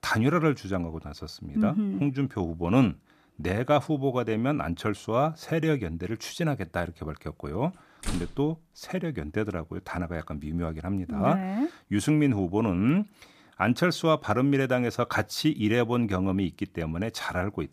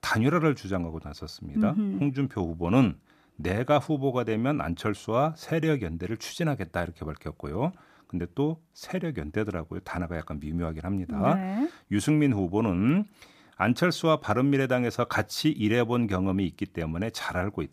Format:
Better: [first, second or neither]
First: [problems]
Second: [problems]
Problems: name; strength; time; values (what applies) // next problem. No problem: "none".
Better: second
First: door banging; noticeable; at 8 s; peak 9 dB below the speech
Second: none